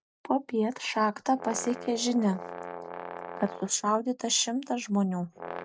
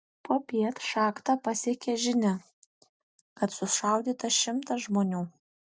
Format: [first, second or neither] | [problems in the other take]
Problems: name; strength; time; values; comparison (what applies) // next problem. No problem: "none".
second | noise reduction (neural mask model RNNoise)